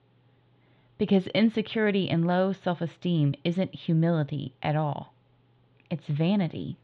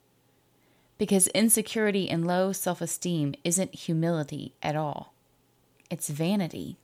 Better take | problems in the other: second | muffled; very; fading above 3.5 kHz

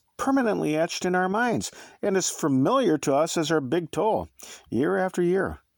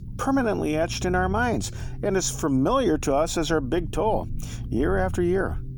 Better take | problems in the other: first | low rumble; faint; throughout; 20 dB below the speech

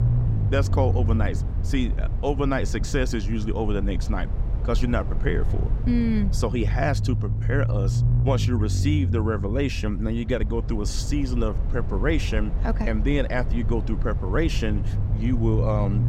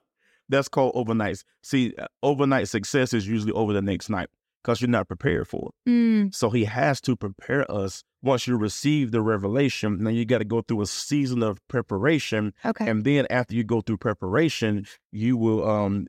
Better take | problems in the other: second | low rumble; noticeable; throughout; 10 dB below the speech

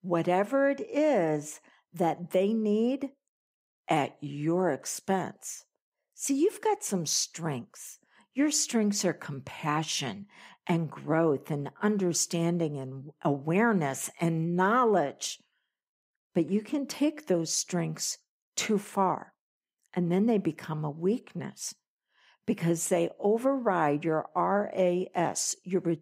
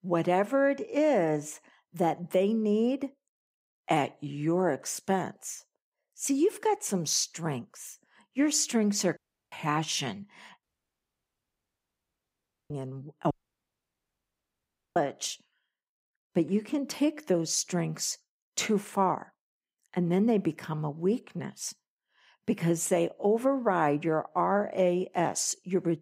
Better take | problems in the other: first | audio cutting out; at 9 s, at 11 s for 2 s and at 13 s for 1.5 s

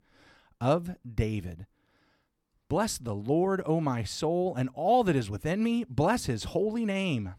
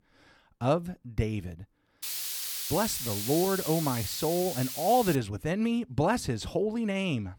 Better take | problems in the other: first | hiss; loud; from 2 to 5 s; 4 dB below the speech

